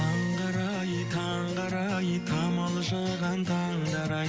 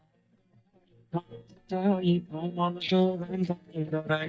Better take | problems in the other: first | noise reduction (neural mask model DeepFilterNet 3)

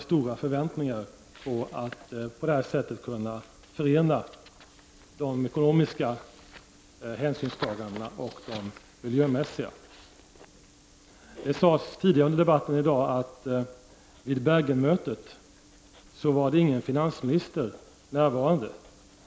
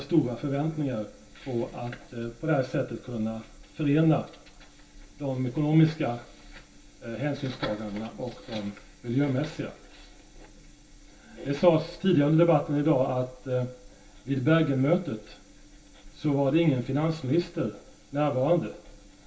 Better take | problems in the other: first | room echo; dies away in 0.2 s

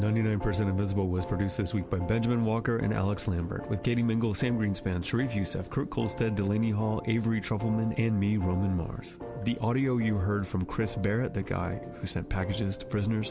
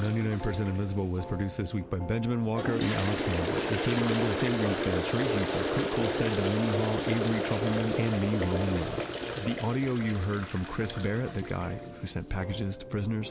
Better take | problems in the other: first | background sound (Toilet flush); 3 dB below the speech

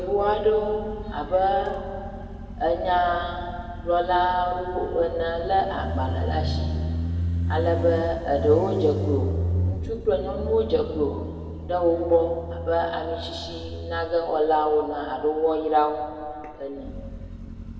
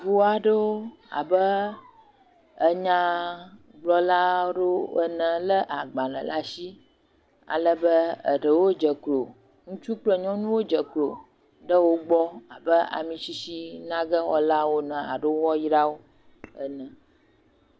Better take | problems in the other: second | background sound (Motorcycle); 6 dB below the speech // room echo; dies away in 2.1 s

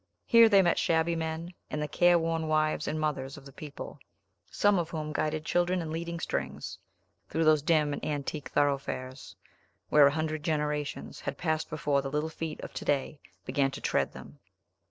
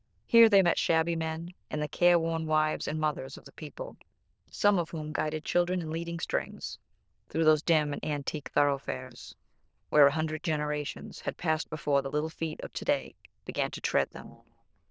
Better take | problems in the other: first | noise reduction (neural diffusion model UNIVERSE++)

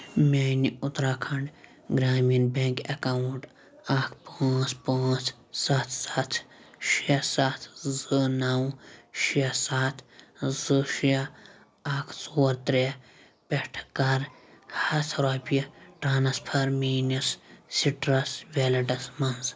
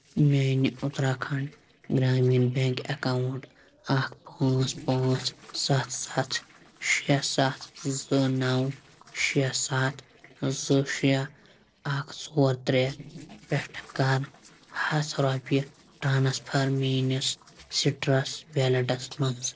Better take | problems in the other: first | noise reduction (neural separator model SepFormer DNS4)

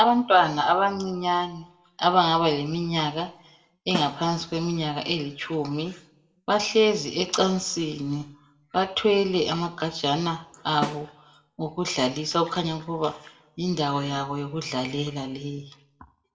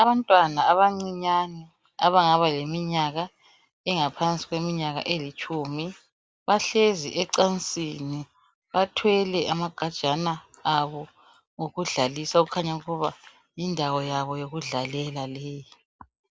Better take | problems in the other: second | background sound (Snare drum); 14 dB below the speech // room echo; dies away in 0.4 s

